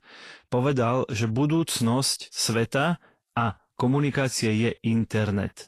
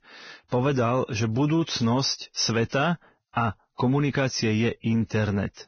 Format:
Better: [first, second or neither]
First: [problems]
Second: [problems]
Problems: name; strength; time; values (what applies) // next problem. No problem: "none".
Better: first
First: garbled, watery; slightly; nothing above 12 kHz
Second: garbled, watery; badly; nothing above 6 kHz